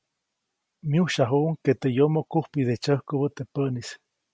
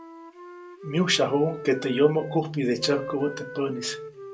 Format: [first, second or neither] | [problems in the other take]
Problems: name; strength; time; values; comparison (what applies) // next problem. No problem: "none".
first | background sound (Wind instrument, woodwind instrument); 13 dB below the speech // room echo; dies away in 0.2 s